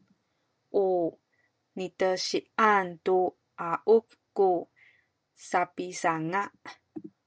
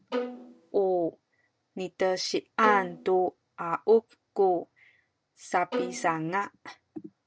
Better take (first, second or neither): first